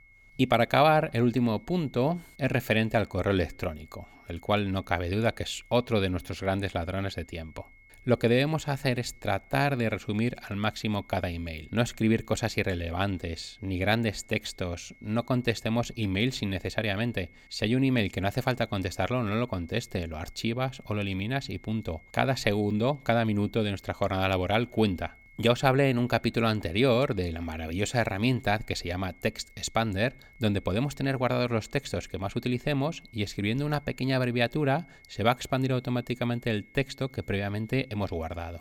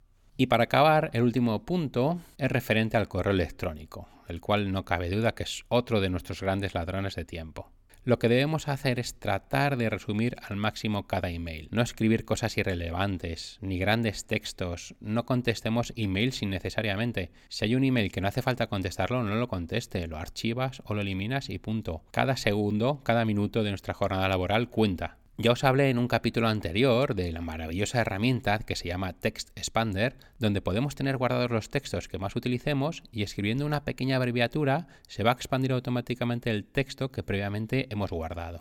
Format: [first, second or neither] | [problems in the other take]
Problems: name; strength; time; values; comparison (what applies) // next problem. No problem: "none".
second | high-pitched whine; faint; throughout; 2 kHz, 25 dB below the speech